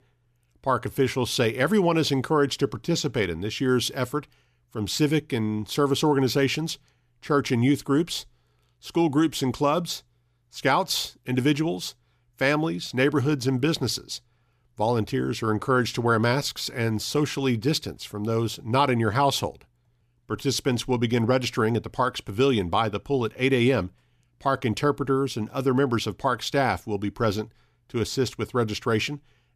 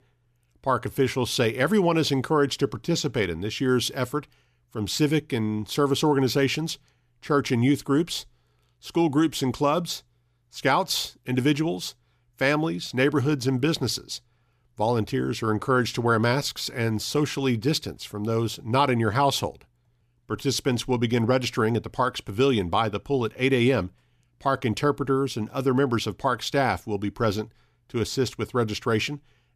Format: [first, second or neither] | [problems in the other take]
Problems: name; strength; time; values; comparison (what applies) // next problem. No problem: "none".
neither | none